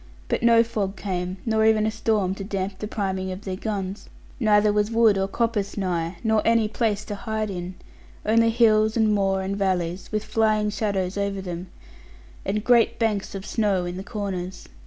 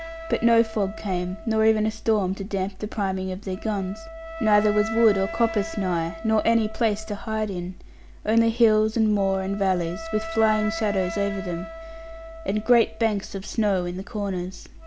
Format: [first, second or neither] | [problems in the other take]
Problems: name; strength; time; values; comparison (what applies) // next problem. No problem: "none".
first | background sound (Wind instrument, woodwind instrument); 14 dB below the speech